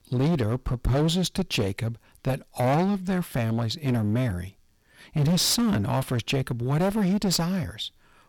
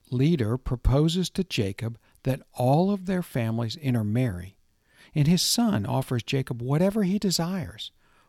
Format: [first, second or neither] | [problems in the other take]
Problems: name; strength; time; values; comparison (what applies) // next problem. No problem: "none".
second | distortion; heavy; 15% of the sound clipped